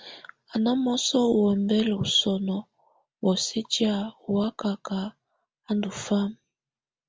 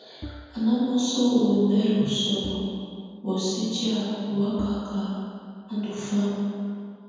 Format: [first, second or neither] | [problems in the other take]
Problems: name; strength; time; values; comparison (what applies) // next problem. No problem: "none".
first | background sound (Bowed string instrument); 20 dB below the speech // room echo; dies away in 2.1 s